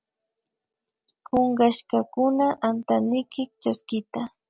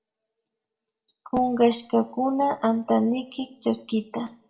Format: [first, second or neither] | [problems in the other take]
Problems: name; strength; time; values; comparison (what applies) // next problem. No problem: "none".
first | room echo; dies away in 0.4 s